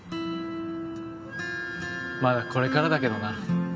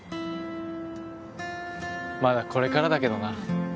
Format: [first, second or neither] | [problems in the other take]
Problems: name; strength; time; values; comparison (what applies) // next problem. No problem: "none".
second | background sound (Wind instrument, woodwind instrument); 13 dB below the speech // room echo; dies away in 1.1 s